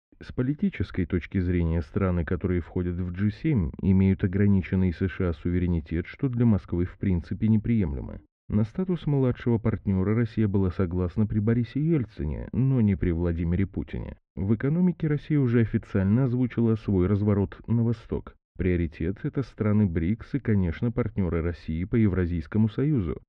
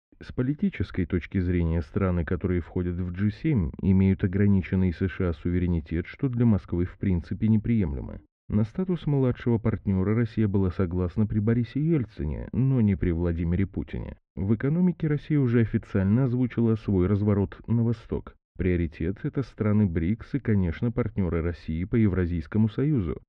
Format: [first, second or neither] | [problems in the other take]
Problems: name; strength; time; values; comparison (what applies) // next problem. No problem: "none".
neither | muffled; very; fading above 2.5 kHz; the same in both